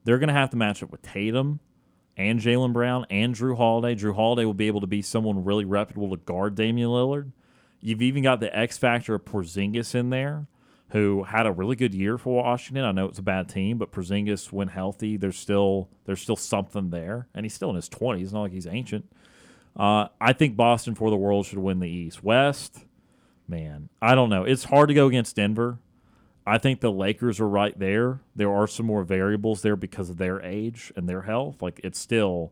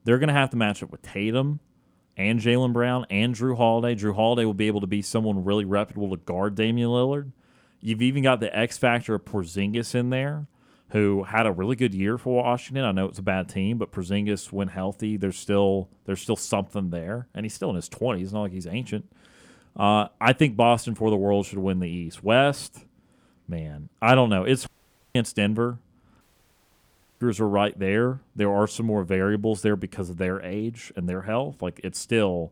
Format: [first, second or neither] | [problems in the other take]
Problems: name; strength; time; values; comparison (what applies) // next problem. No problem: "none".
first | audio cutting out; at 25 s and at 26 s for 1 s